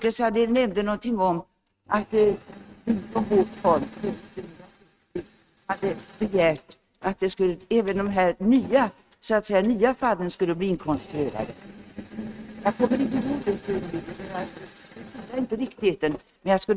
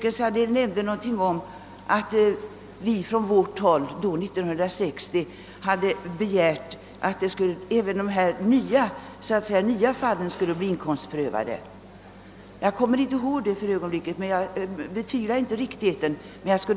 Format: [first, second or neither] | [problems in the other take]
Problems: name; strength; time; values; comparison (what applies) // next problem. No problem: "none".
second | noise reduction (neural mask model RNNoise)